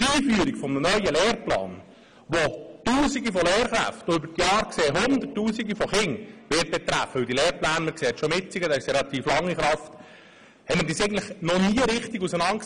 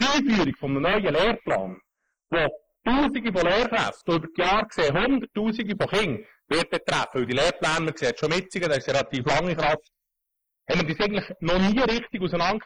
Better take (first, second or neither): first